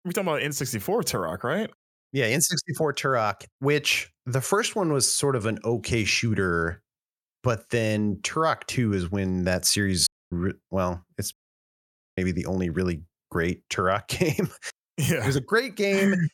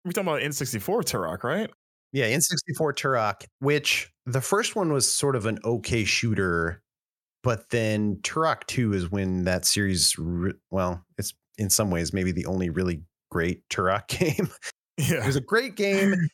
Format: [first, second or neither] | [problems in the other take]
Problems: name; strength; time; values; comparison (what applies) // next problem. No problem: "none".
second | audio cutting out; at 10 s and at 11 s for 1 s